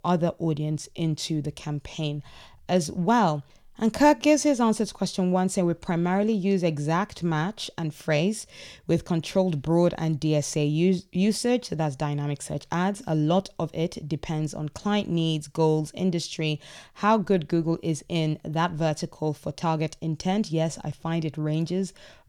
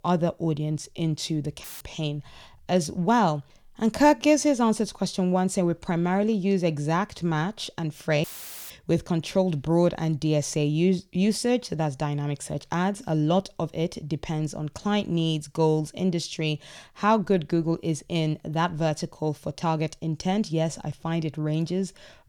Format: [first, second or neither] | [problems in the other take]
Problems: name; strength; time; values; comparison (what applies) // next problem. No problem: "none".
first | audio cutting out; filled with static; at 1.5 s and at 8 s